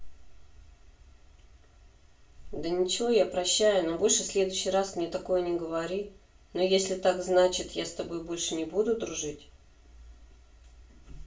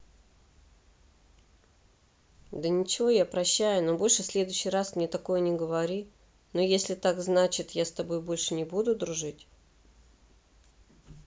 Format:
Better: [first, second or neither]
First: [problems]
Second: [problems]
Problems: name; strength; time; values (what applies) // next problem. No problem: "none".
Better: second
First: room echo; dies away in 0.3 s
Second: none